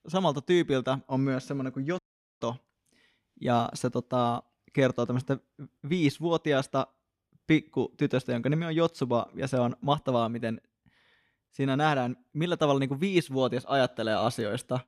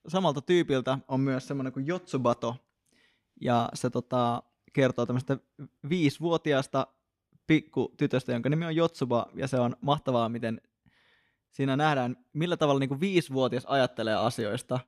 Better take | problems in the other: second | audio cutting out; at 2 s

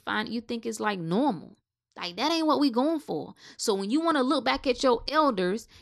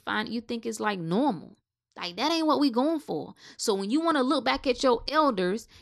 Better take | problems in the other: neither | none

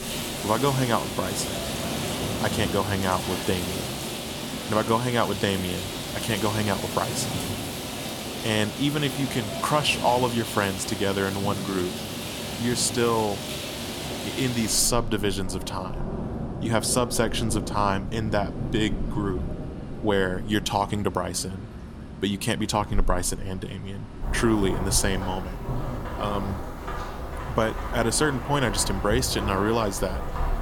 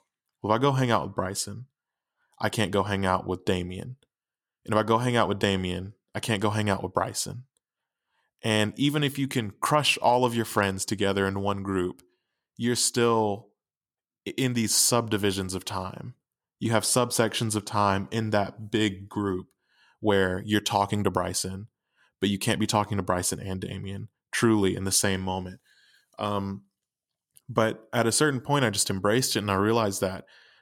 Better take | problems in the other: second | rain or running water; loud; throughout; 6 dB below the speech

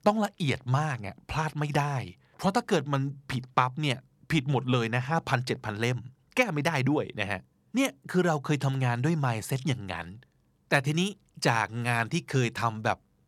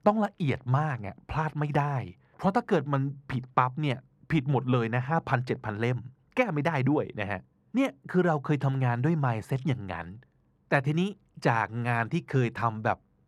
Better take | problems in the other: first | muffled; slightly; fading above 3 kHz

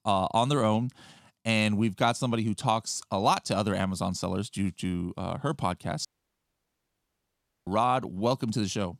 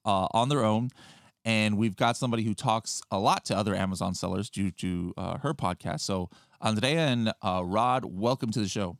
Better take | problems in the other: second | audio cutting out; at 6 s for 1.5 s

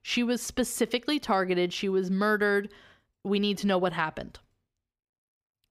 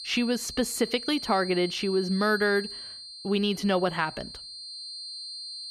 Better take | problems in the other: first | high-pitched whine; noticeable; throughout; 4 kHz, 10 dB below the speech

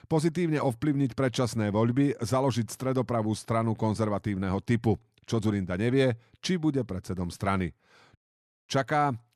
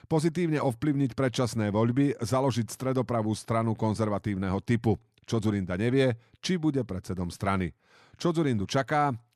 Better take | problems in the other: second | audio cutting out; at 8 s for 0.5 s

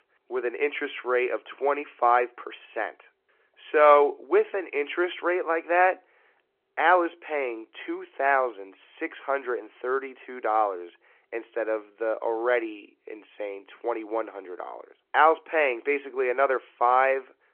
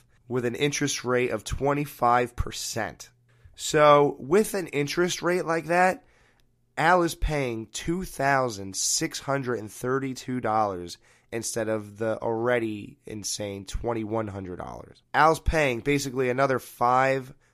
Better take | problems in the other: second | phone-call audio

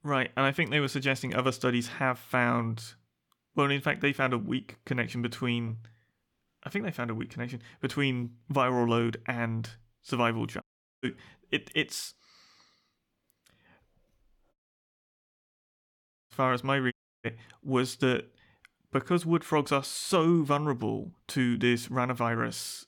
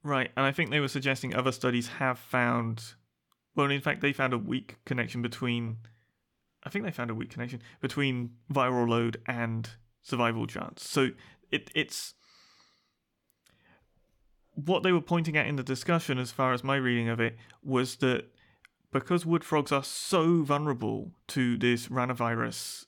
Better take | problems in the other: second | audio cutting out; at 11 s, at 15 s for 2 s and at 17 s

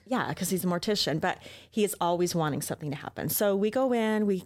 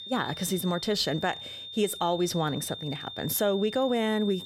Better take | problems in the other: first | high-pitched whine; loud; throughout; 3.5 kHz, 10 dB below the speech

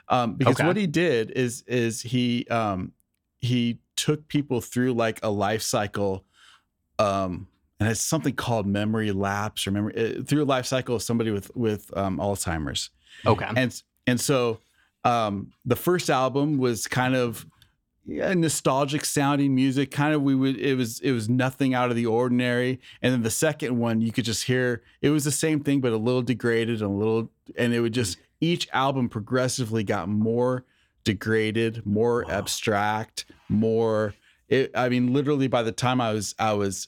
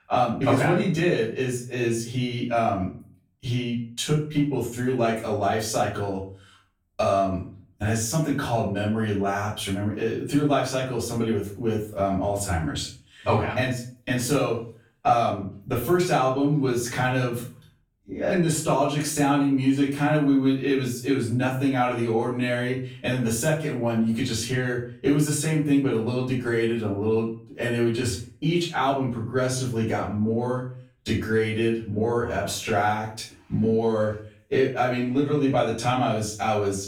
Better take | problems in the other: first | off-mic speech; far // room echo; noticeable; dies away in 0.4 s

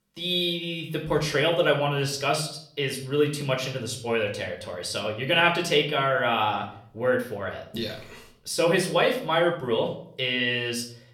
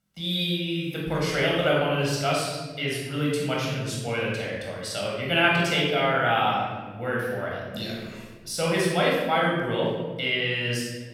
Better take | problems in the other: first | room echo; strong; dies away in 1.5 s; slight in the first // off-mic speech; far; somewhat distant in the first

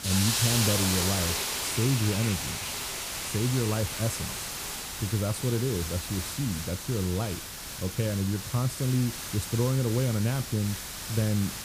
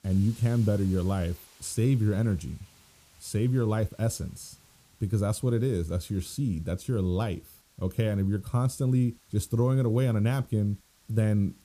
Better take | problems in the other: second | hiss; loud; throughout; 2 dB below the speech; faint in the second

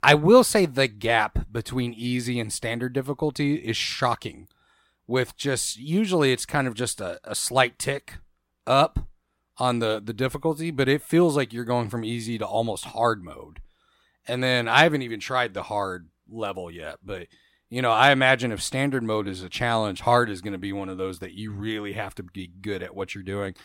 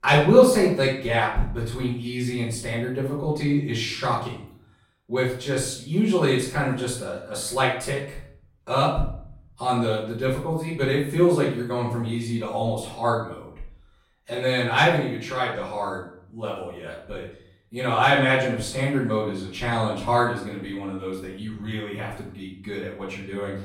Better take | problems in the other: first | off-mic speech; far // room echo; noticeable; dies away in 0.5 s

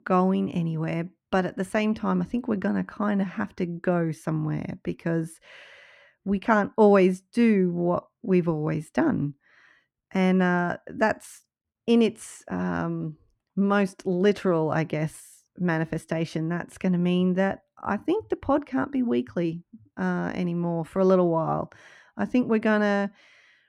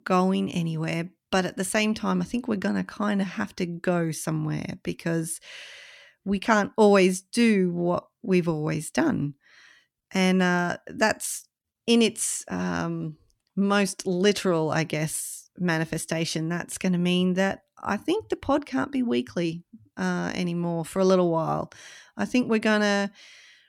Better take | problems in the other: second | muffled; slightly; fading above 2.5 kHz

